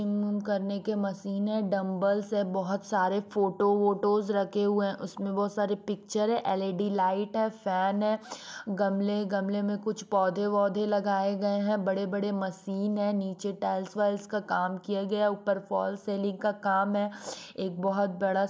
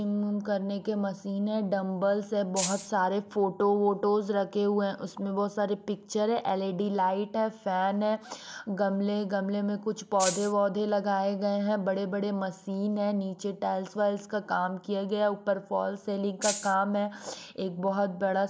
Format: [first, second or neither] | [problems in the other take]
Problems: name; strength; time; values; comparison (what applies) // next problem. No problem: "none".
first | background sound (Rattle (instrument)); 4 dB below the speech